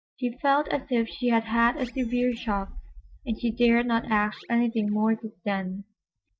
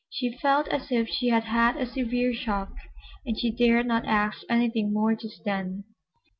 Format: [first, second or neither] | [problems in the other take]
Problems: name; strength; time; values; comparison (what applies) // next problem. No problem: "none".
second | noise reduction (neural mask model DeepFilterNet 3)